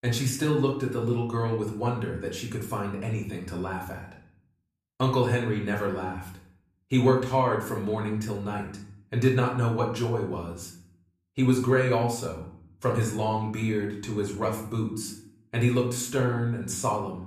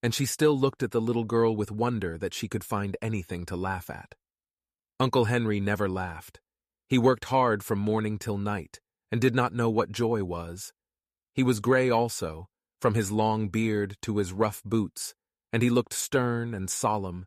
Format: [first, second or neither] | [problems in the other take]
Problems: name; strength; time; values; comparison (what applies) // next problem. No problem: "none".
second | room echo; slight; dies away in 0.5 s // off-mic speech; far